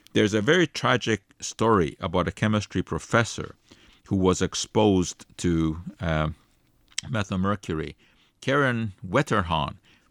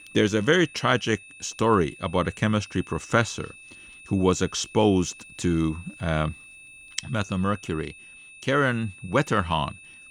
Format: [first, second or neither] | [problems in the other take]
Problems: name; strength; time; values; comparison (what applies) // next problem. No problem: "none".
first | high-pitched whine; noticeable; throughout; 2.5 kHz, 20 dB below the speech